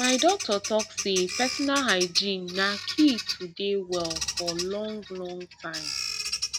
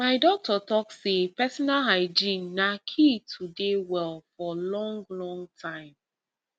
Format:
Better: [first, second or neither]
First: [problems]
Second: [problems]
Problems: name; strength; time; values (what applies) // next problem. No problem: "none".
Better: second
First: background sound (Bird vocalization, bird call, bird song); 6 dB below the speech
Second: none